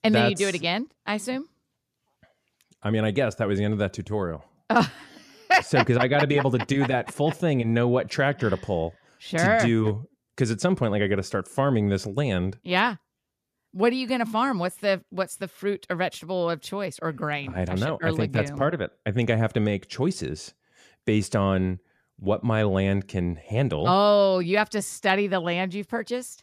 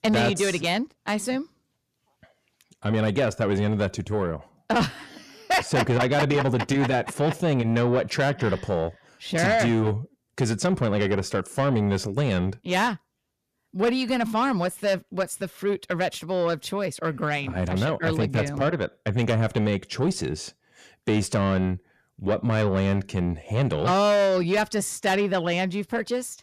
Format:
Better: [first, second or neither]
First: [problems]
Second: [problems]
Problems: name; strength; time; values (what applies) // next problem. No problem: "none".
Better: first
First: none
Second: distortion; slight; 10 dB below the speech